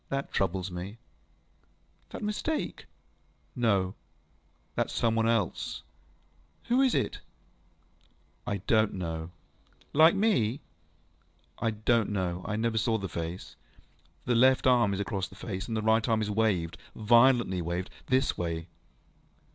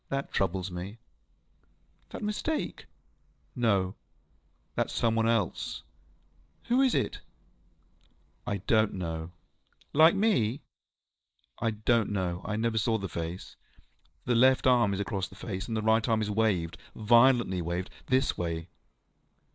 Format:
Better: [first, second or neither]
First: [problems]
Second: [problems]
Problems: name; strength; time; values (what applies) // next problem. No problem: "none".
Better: first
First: none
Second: noise reduction (neural mask model Resemble Enhance denoiser)